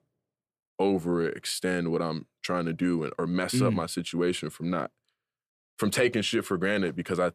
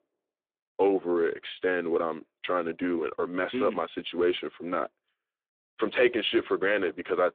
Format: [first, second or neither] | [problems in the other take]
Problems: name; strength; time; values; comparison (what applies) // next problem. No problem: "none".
first | phone-call audio